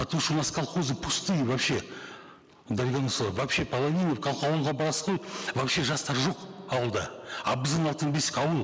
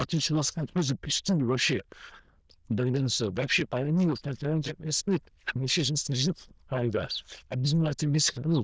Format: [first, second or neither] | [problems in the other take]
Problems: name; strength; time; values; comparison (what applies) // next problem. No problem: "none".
first | noise reduction (neural diffusion model UNIVERSE++)